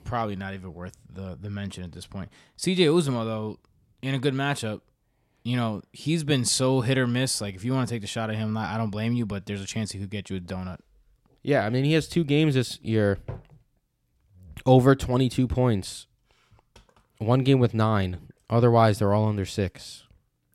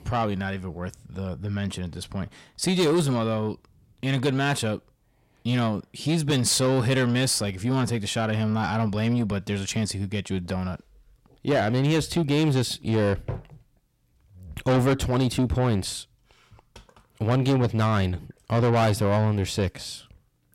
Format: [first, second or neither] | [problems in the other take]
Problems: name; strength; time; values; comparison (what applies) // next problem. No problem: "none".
first | distortion; heavy; 8 dB below the speech